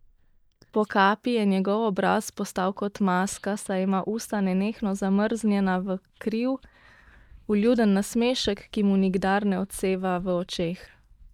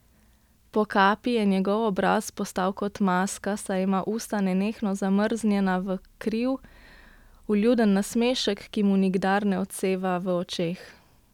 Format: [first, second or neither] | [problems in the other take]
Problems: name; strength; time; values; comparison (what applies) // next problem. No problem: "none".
second | noise reduction (neural mask model DeepFilterNet 3)